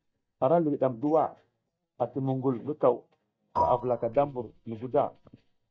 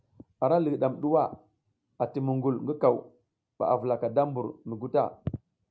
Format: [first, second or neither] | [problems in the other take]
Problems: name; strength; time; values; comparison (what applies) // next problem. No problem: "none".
second | noise reduction (neural mask model DeepFilterNet 3)